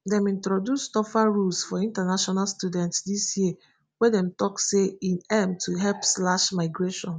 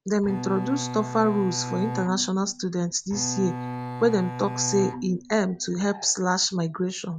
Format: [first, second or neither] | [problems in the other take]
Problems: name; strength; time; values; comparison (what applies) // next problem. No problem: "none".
first | background sound (Bowed string instrument); 8 dB below the speech